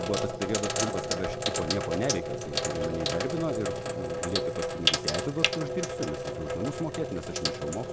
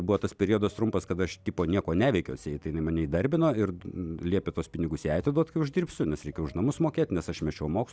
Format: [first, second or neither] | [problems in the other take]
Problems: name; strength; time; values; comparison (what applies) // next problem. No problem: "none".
second | background sound (Sink (filling or washing)); 3 dB above the speech